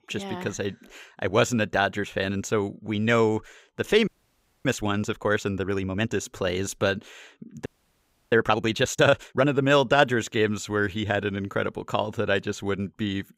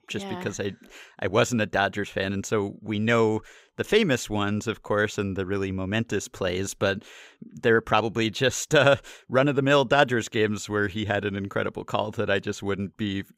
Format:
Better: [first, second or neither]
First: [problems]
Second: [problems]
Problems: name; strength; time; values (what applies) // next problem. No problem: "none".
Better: second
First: audio freezing; at 4 s for 0.5 s and at 7.5 s for 0.5 s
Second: none